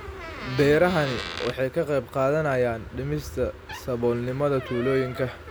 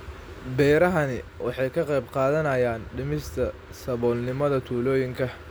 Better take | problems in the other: second | background sound (Door); 14 dB below the speech

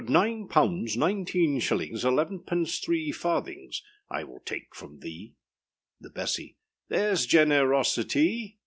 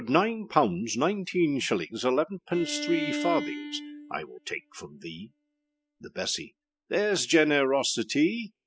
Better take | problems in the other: first | noise reduction (classical method spectral subtraction)

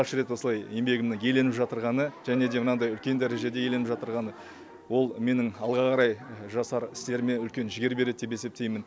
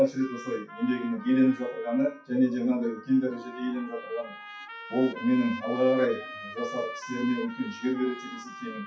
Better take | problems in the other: first | noise reduction (classical method WPE with log-MMSE)

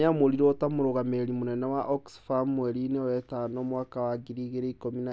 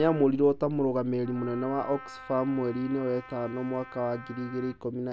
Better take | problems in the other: first | background sound (Wind instrument, woodwind instrument); 19 dB below the speech

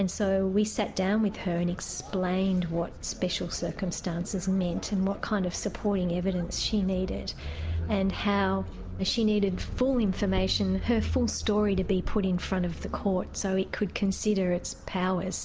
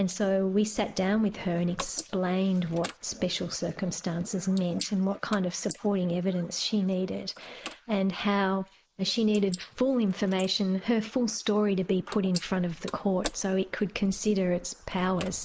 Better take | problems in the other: first | noise reduction (neural mask model Resemble Enhance denoiser)

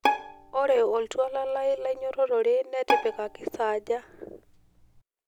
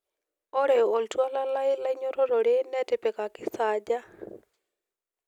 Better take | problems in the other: second | background sound (Bowed string instrument); 6 dB below the speech

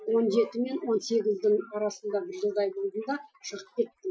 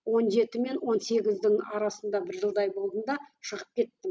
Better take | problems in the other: second | noise reduction (classical method Wiener filter)

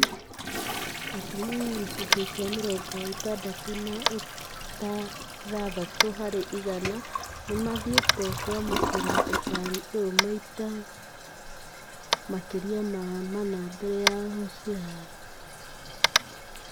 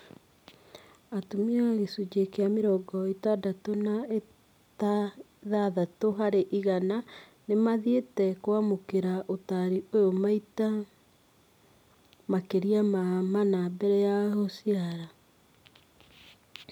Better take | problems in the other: second | background sound (Toilet flush + Tap); 2 dB above the speech

